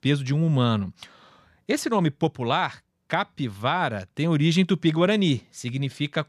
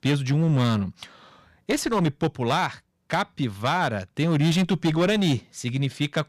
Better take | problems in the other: first | distortion; slight; 13% of the sound clipped

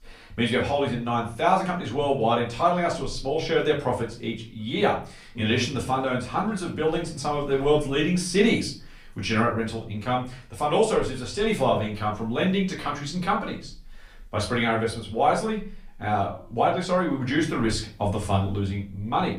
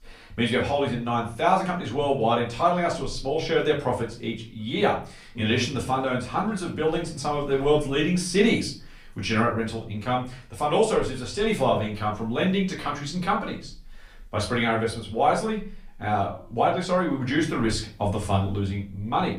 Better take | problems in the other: neither | room echo; slight; dies away in 0.4 s; the same in both // off-mic speech; far; the same in both

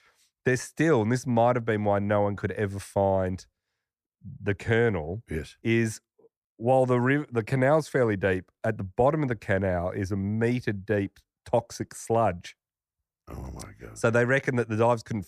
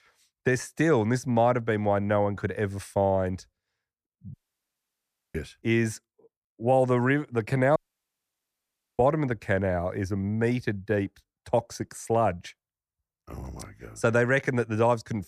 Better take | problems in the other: first | audio cutting out; at 4.5 s for 1 s and at 8 s for 1 s

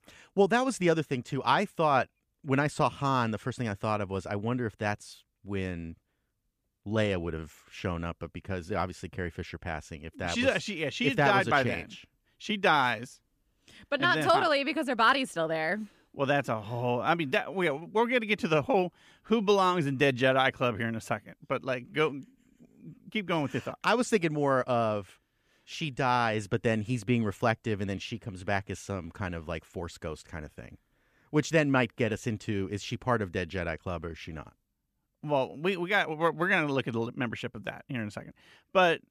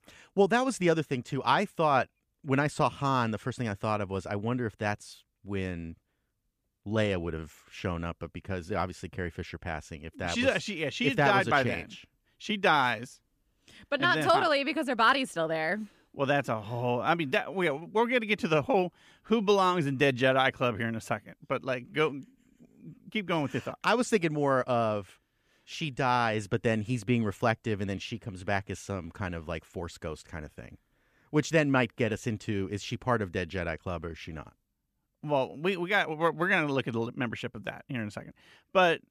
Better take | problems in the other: neither | none

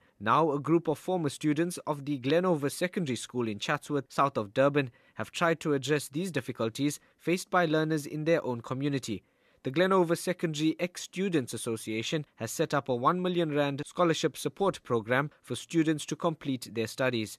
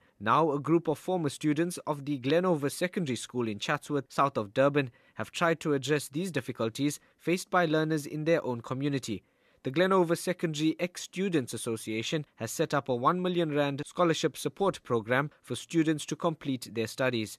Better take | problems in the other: neither | none

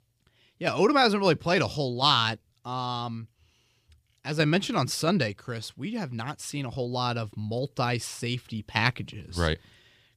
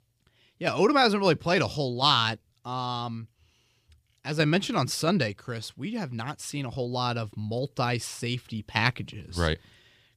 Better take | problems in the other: neither | none

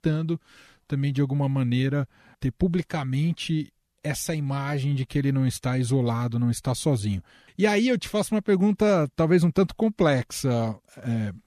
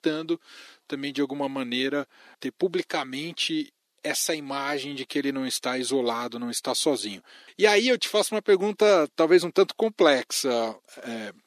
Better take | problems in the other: first | thin; somewhat; fading below 300 Hz

